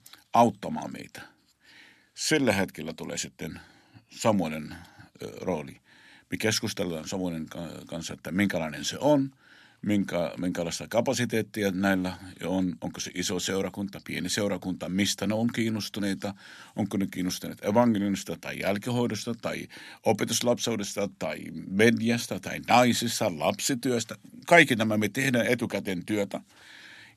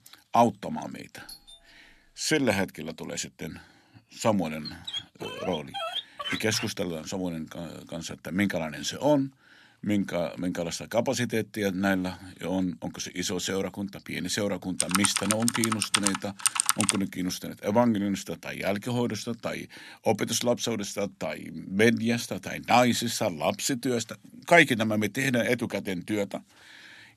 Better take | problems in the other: first | doorbell; faint; at 1.5 s; peak 15 dB below the speech // dog barking; noticeable; from 4.5 to 6.5 s; peak 4 dB below the speech // keyboard typing; loud; from 15 to 17 s; peak 5 dB above the speech

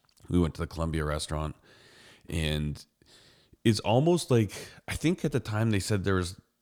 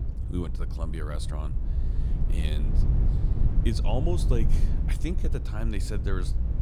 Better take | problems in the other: first | low rumble; loud; throughout; 6 dB below the speech

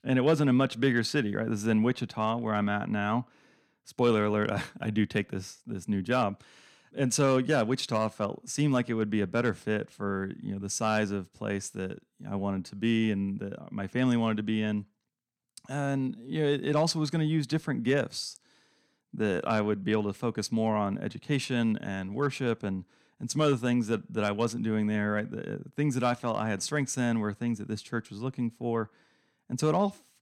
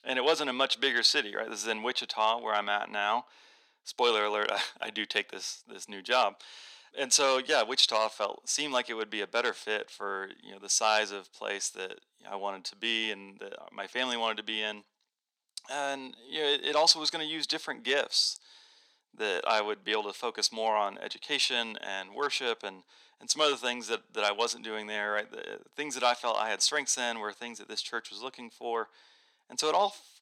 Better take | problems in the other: first | thin; very; fading below 450 Hz

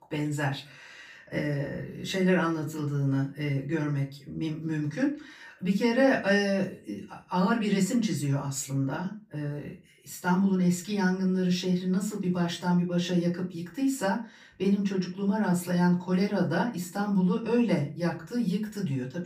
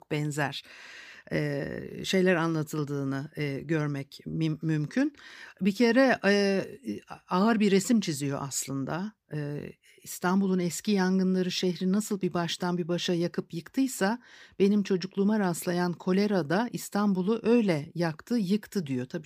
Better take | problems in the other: second | off-mic speech; far // room echo; very slight; dies away in 0.3 s

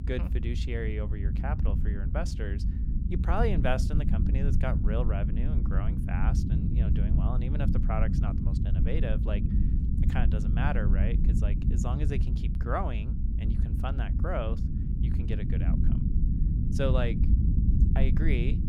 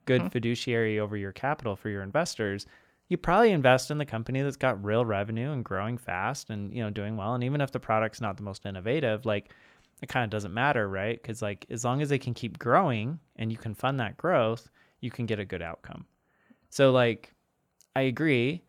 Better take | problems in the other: second | low rumble; loud; throughout; 5 dB below the speech

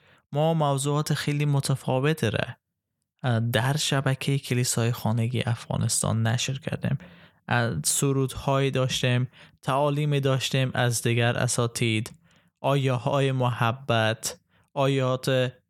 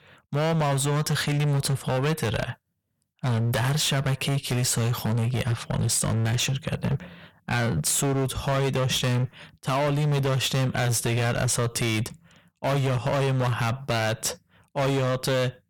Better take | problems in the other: first | distortion; heavy; 27% of the sound clipped

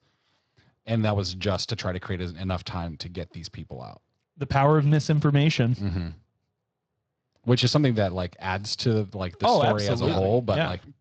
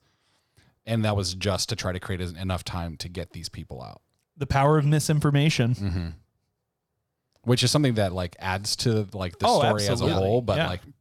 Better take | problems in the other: second | garbled, watery; slightly; nothing above 7.5 kHz

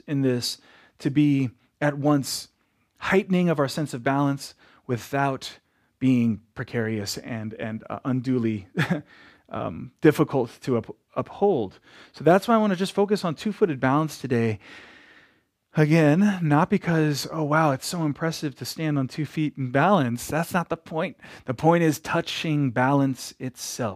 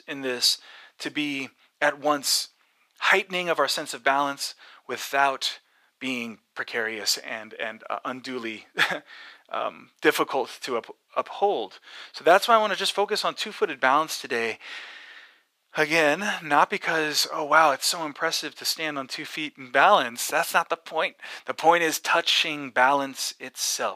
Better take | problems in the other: first | thin; very; fading below 700 Hz

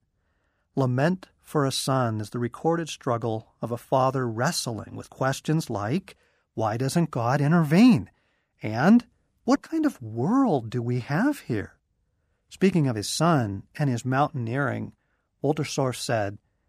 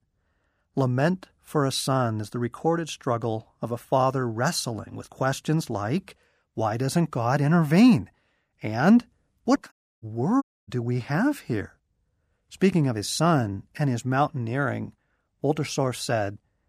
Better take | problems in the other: first | audio cutting out; at 9.5 s and at 10 s

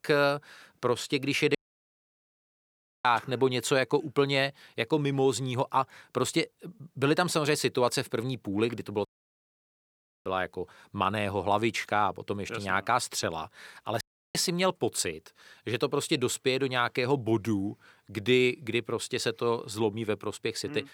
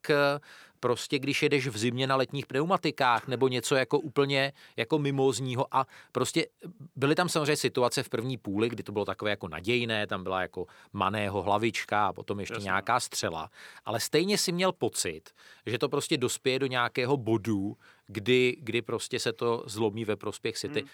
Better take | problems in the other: second | audio cutting out; at 1.5 s for 1.5 s, at 9 s for 1 s and at 14 s

